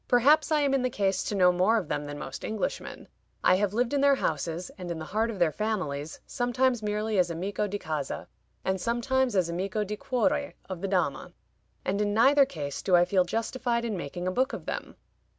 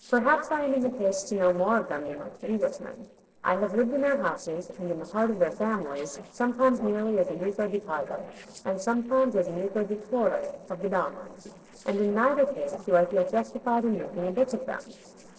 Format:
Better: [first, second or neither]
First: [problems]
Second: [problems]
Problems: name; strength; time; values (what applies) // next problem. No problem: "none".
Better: first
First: none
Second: noise reduction (neural separator model SepFormer DNS4)